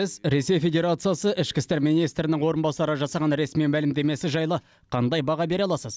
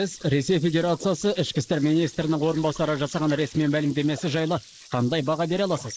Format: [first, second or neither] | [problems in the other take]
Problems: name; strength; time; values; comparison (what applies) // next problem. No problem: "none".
first | noise reduction (neural mask model Resemble Enhance denoiser)